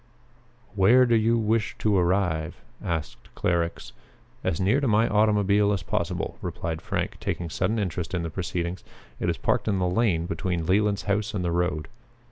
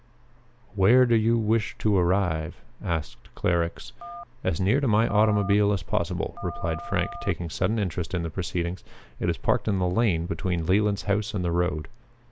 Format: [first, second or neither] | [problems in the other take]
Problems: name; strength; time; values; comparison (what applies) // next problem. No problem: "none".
first | background sound (Telephone); 15 dB below the speech